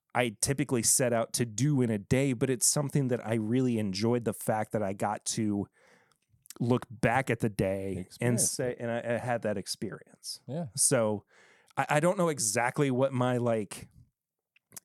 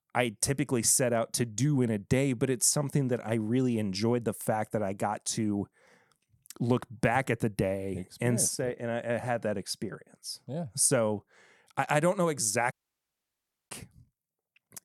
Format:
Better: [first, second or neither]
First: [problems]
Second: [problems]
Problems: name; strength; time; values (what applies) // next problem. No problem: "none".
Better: first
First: none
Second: audio cutting out; at 13 s for 1 s